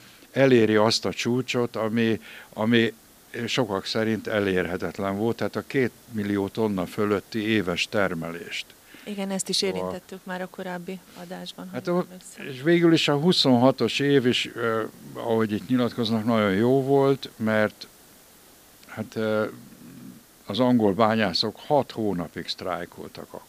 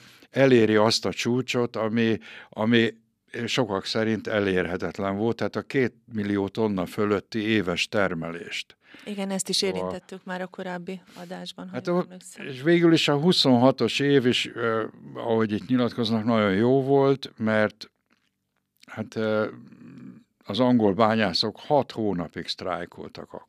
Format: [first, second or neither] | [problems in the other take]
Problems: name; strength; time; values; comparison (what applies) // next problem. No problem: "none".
second | hiss; faint; throughout; 25 dB below the speech